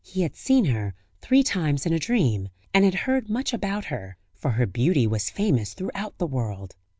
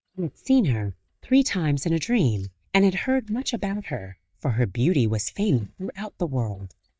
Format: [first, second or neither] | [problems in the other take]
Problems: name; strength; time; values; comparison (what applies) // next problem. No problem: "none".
first | noise reduction (neural mask model DeepFilterNet 3)